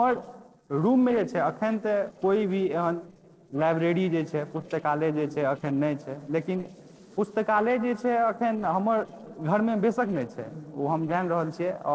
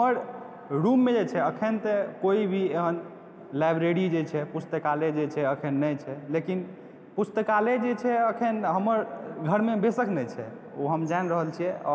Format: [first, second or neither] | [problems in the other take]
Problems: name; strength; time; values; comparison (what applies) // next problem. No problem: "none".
second | noise reduction (neural separator model SepFormer DNS4)